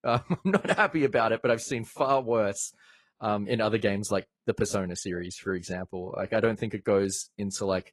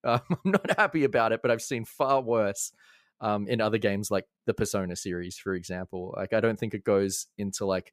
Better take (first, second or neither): second